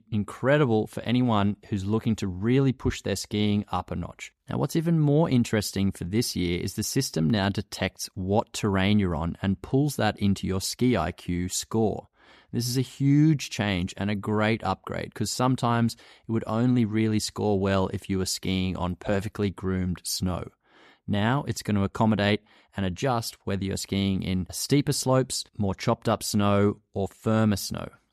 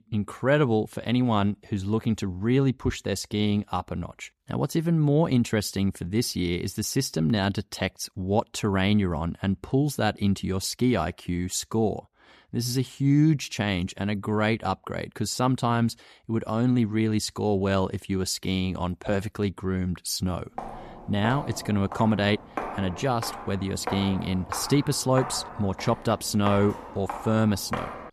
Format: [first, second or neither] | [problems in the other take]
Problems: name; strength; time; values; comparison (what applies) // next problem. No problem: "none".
first | footsteps; noticeable; from 21 s on; peak 7 dB below the speech